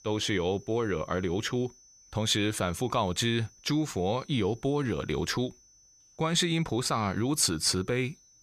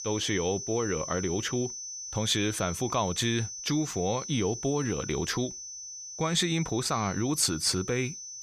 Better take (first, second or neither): first